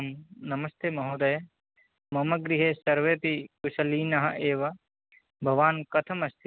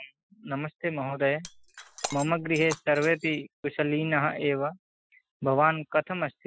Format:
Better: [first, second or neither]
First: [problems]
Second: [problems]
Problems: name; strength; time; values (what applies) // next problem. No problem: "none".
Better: first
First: none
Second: noise reduction (classical method Wiener filter)